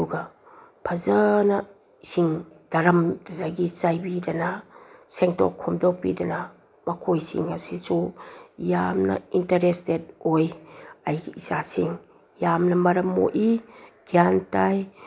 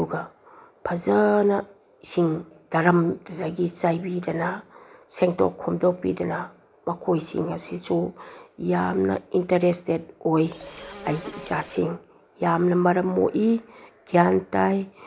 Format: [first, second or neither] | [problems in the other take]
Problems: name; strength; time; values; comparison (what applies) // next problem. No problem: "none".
first | background sound (Insect); 16 dB below the speech